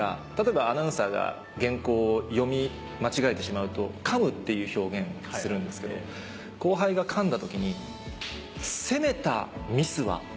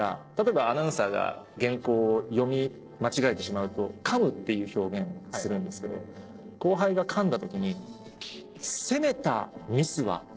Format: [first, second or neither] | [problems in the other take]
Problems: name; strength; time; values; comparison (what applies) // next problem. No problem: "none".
first | noise reduction (neural separator model SepFormer DNS4)